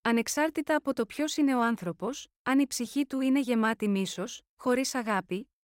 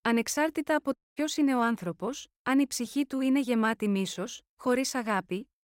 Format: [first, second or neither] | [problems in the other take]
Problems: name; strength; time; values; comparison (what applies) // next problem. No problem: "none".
first | audio cutting out; at 1 s